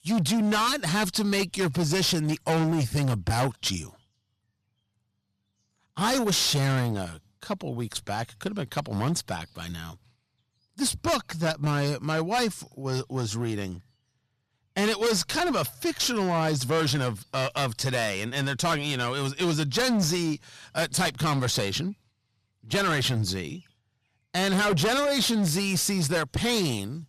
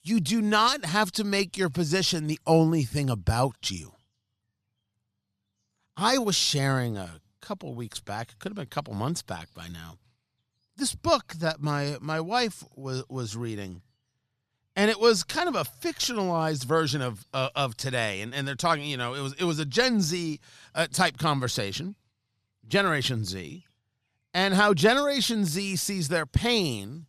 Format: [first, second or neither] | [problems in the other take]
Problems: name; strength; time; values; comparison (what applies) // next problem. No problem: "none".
second | distortion; heavy; 15% of the sound clipped